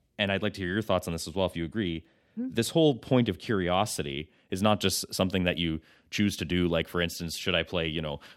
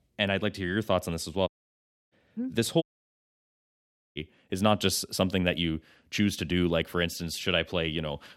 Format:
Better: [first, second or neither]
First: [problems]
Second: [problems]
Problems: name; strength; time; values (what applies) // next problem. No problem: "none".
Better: first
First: none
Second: audio cutting out; at 1.5 s for 0.5 s and at 3 s for 1.5 s